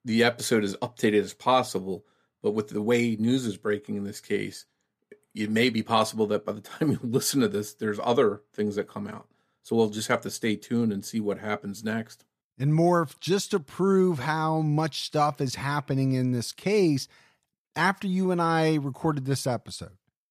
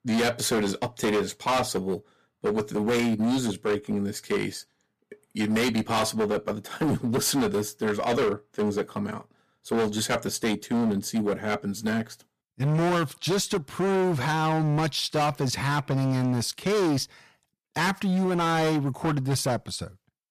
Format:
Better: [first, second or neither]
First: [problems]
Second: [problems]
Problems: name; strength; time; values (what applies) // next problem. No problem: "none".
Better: first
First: none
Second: distortion; heavy; 19% of the sound clipped